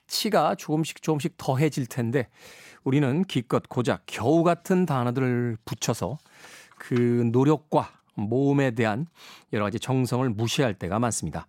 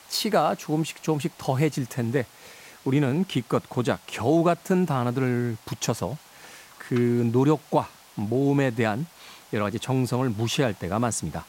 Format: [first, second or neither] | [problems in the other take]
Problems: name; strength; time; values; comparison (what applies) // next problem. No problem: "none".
first | hiss; faint; throughout; 25 dB below the speech